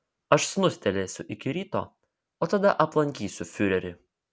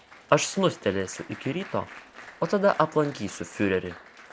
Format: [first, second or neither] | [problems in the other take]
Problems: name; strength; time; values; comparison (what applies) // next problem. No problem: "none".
first | background sound (Applause); 19 dB below the speech